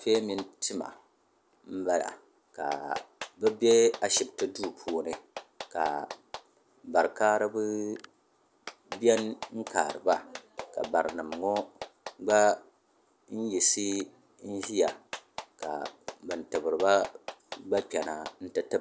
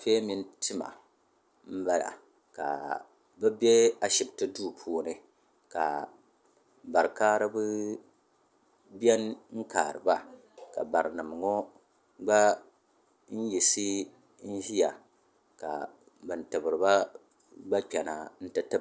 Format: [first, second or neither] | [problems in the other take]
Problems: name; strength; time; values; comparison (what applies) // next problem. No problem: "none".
second | background sound (Clapping); 15 dB below the speech